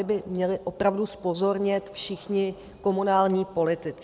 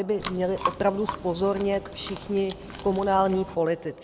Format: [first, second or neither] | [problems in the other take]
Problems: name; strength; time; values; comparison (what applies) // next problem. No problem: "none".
first | background sound (Chewing, mastication); 10 dB below the speech